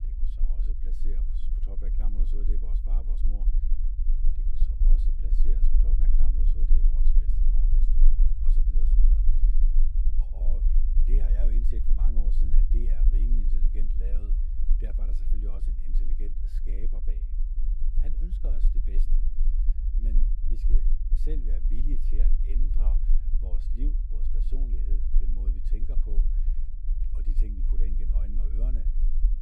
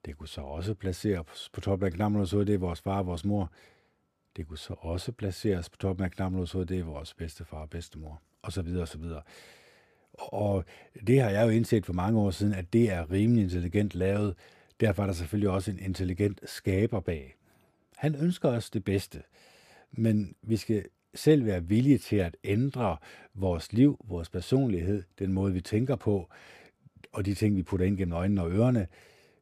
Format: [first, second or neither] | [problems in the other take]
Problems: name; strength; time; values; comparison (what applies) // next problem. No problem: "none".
second | low rumble; loud; throughout; 2 dB below the speech